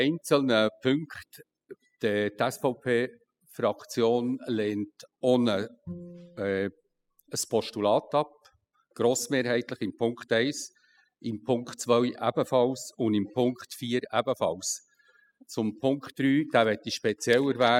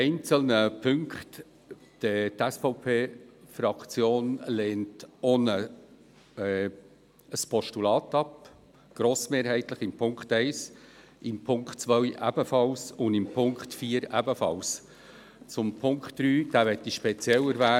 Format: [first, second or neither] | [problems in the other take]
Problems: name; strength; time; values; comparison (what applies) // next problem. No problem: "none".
second | noise reduction (classical method spectral subtraction)